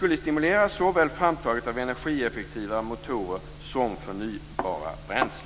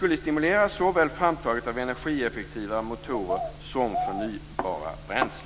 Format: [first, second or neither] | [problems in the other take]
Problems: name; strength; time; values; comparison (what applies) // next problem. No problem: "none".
first | background sound (Bird vocalization, bird call, bird song); 8 dB below the speech